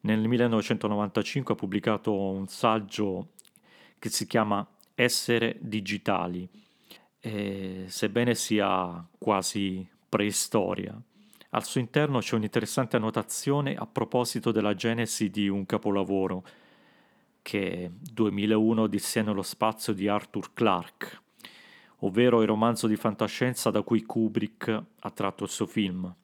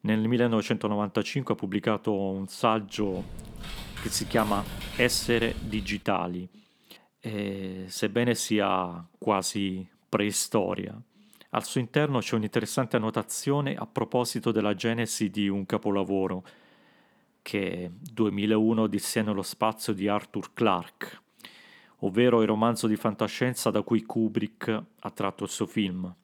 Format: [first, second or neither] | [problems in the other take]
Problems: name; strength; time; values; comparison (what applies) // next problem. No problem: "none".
first | keyboard typing; noticeable; from 3 to 6 s; peak 9 dB below the speech